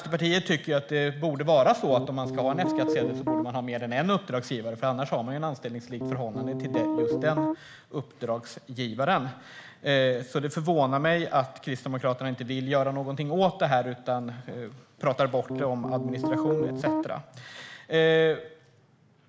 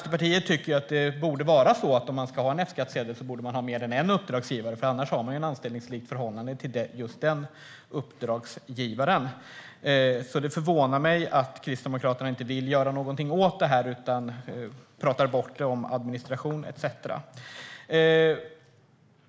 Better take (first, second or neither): second